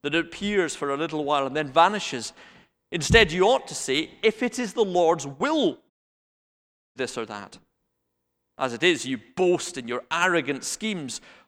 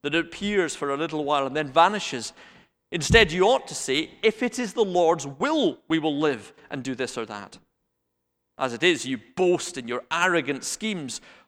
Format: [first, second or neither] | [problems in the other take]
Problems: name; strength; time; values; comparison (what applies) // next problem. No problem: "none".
second | audio cutting out; at 6 s for 1 s